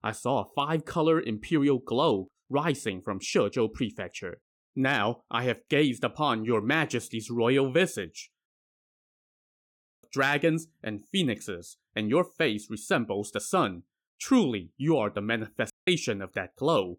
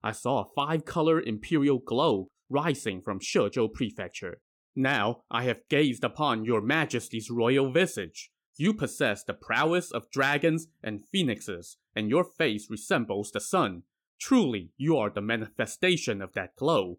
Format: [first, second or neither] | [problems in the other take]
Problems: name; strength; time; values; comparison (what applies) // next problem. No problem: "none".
second | audio cutting out; at 8.5 s for 1.5 s and at 16 s